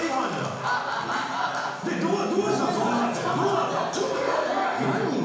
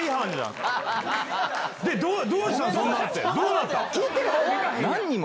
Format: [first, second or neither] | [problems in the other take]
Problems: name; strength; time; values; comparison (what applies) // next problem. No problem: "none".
second | room echo; dies away in 1 s